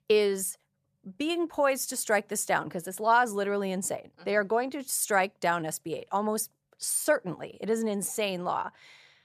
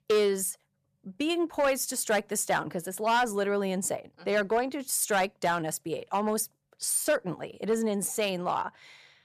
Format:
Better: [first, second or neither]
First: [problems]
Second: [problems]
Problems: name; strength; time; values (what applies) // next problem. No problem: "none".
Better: first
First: none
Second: distortion; slight; 3% of the sound clipped